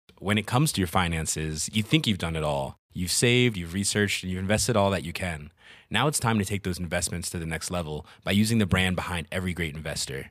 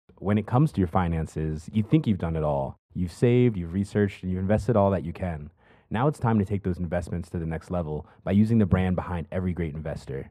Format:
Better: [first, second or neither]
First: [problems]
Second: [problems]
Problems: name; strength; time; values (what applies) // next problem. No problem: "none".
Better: first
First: none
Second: muffled; very; fading above 2 kHz